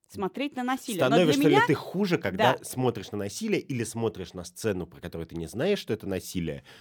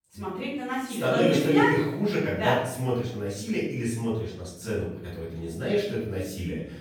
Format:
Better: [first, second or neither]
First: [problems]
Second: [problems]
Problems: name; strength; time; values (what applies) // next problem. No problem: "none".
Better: first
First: none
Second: room echo; noticeable; dies away in 0.7 s // off-mic speech; far